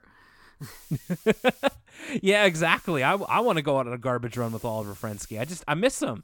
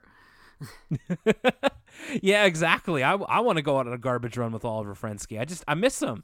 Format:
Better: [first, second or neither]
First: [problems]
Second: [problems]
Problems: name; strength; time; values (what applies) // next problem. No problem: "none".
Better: second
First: hiss; faint; from 0.5 to 2 s, from 2.5 to 3.5 s and from 4.5 to 5.5 s; 25 dB below the speech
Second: none